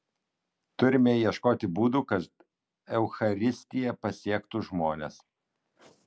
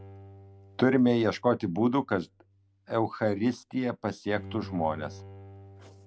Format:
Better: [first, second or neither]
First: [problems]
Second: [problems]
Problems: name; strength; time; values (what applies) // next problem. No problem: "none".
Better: first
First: none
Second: background sound (Bowed string instrument); 19 dB below the speech